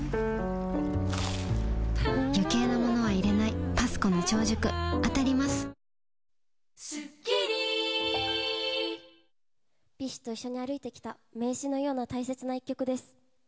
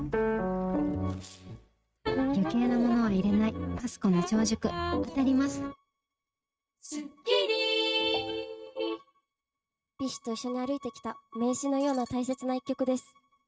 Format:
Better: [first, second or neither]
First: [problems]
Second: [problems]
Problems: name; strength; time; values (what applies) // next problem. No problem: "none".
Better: first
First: none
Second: noise reduction (neural mask model RNNoise)